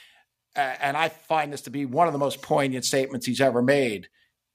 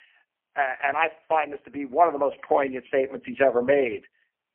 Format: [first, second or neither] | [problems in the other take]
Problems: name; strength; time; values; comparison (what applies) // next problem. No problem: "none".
first | phone-call audio; poor line